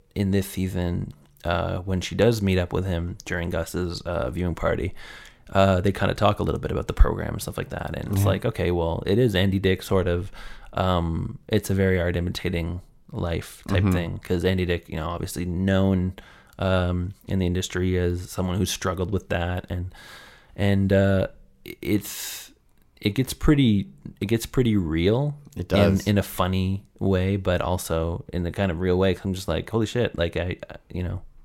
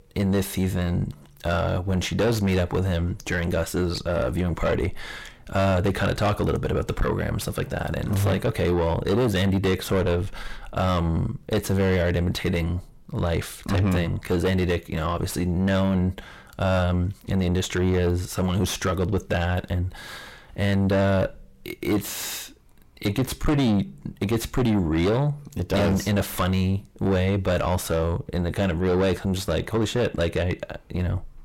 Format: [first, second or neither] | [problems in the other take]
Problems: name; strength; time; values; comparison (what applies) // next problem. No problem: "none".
first | distortion; heavy; 6 dB below the speech